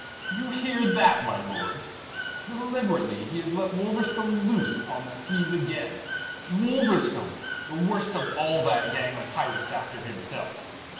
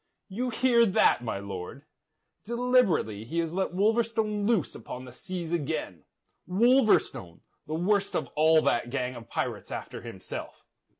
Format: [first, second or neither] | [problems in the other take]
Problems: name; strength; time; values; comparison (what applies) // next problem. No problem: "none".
second | background sound (Water / Bird); 9 dB below the speech // room echo; dies away in 1.1 s